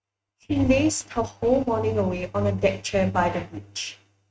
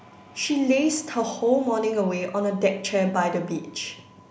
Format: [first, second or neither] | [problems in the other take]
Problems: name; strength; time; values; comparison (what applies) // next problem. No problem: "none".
second | noise reduction (neural mask model RNNoise)